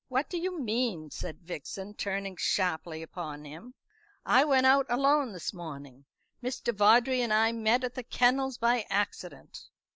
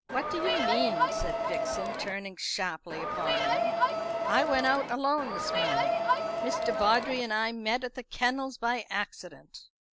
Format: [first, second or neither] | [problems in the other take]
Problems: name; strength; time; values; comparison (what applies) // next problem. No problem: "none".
first | background sound (Crowd); 3 dB above the speech